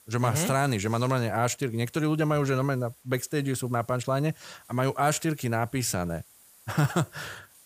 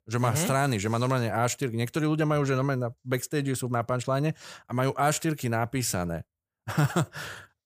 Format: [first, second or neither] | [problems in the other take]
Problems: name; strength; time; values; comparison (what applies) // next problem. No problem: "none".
second | hiss; faint; throughout; 25 dB below the speech